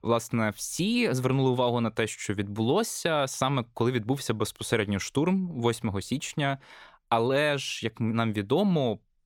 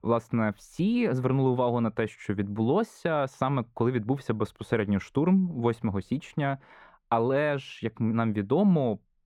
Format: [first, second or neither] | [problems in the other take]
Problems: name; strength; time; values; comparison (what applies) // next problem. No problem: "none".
first | muffled; very; fading above 3 kHz